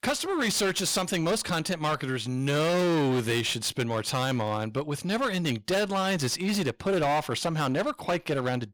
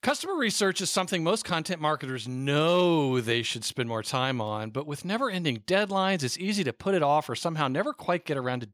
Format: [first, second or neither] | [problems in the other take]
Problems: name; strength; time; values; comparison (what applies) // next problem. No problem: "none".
second | distortion; heavy; 20% of the sound clipped